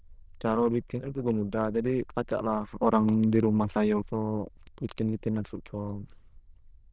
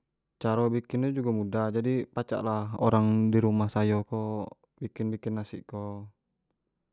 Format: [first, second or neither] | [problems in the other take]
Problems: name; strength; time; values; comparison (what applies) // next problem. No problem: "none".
second | noise reduction (neural diffusion model UNIVERSE++)